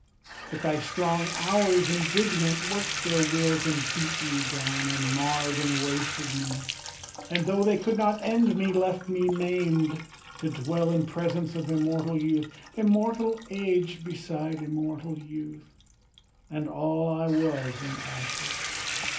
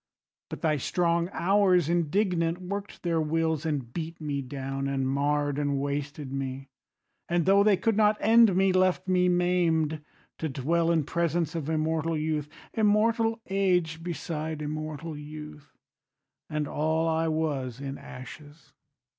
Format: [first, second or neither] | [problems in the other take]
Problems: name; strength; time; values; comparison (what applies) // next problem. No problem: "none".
second | background sound (Bathtub (filling or washing) / Water tap, faucet); 8 dB below the speech // room echo; dies away in 0.3 s